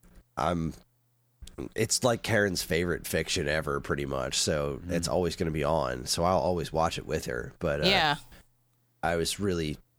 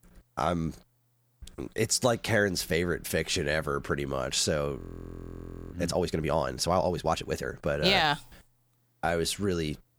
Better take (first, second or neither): first